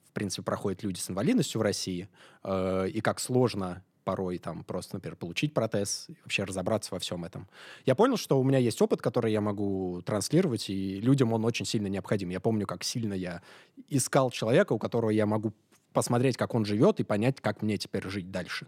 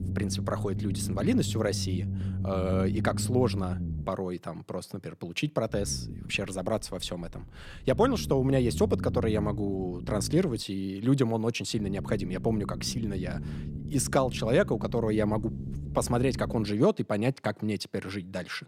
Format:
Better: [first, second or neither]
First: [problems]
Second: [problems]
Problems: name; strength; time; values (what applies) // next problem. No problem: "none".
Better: first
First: none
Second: low rumble; noticeable; until 4 s, from 5.5 to 11 s and from 12 to 17 s; 15 dB below the speech